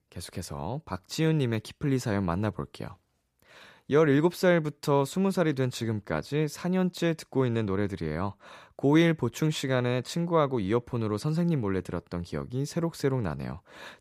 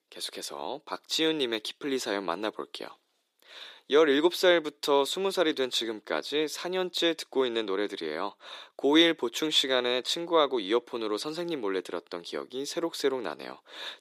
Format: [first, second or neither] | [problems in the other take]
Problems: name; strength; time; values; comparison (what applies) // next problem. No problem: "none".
first | thin; somewhat; fading below 350 Hz